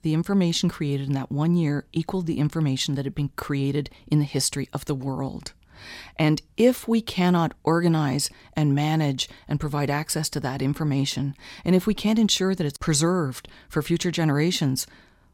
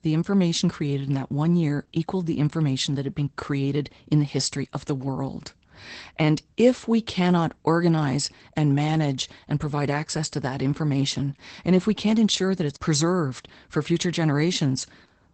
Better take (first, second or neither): first